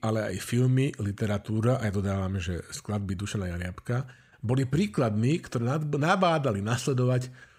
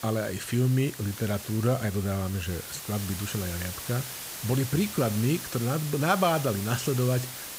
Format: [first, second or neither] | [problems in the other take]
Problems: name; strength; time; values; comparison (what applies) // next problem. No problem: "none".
first | hiss; loud; throughout; 8 dB below the speech